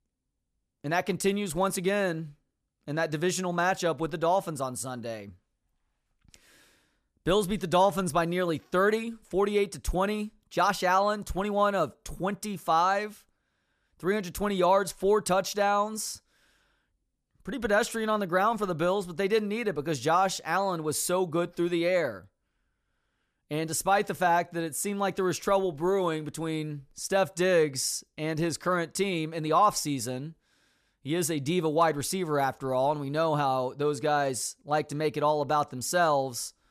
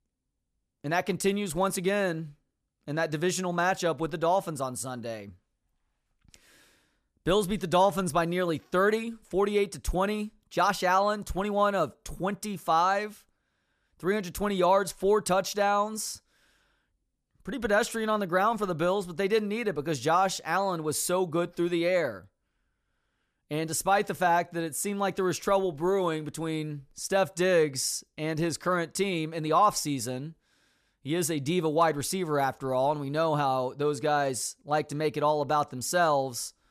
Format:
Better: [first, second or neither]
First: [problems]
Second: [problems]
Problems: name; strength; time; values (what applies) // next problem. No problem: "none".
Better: neither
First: none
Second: none